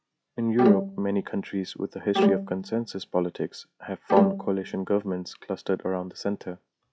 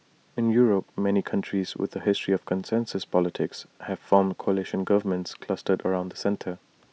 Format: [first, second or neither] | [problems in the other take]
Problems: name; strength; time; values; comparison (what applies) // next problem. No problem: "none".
second | noise reduction (classical method log-MMSE)